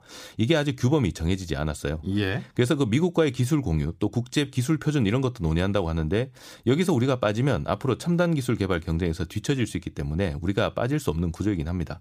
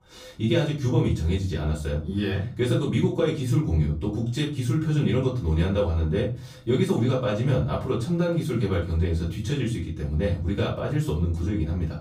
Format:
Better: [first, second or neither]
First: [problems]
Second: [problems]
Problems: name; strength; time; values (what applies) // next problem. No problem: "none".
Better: first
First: none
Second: room echo; slight; dies away in 0.4 s // off-mic speech; far